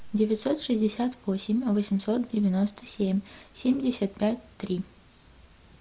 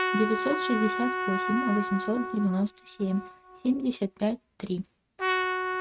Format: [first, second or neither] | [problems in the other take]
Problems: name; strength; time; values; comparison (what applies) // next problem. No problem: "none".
first | noise reduction (neural mask model RNNoise)